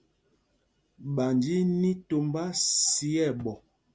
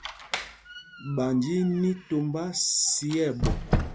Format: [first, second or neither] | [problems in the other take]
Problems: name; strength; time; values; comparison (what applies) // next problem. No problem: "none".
first | background sound (Squeak); 5 dB below the speech